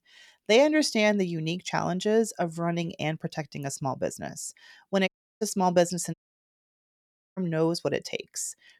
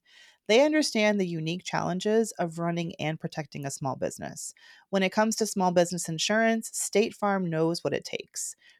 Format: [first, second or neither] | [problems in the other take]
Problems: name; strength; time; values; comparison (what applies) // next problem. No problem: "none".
second | audio cutting out; at 5 s and at 6 s for 1 s